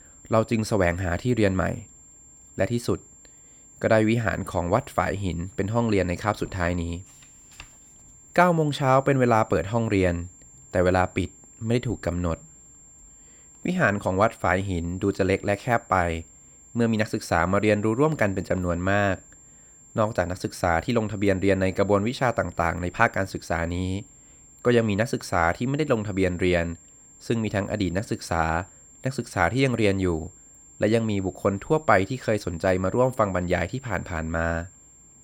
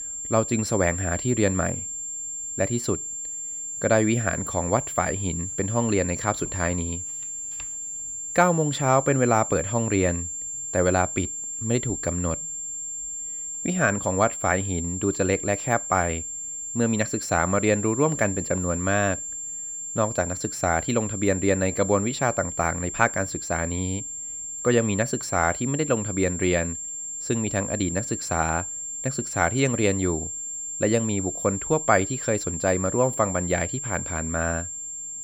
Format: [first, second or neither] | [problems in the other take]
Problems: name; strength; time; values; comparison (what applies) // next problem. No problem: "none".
first | high-pitched whine; loud; throughout; 7.5 kHz, 5 dB below the speech; faint in the first